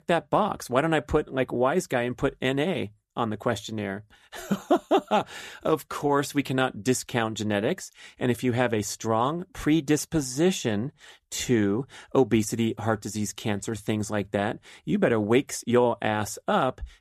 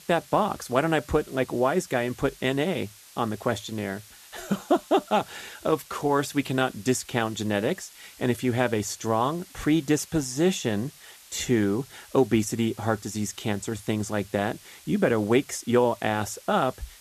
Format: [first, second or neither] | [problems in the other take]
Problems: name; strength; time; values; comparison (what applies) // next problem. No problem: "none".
first | hiss; faint; throughout; 20 dB below the speech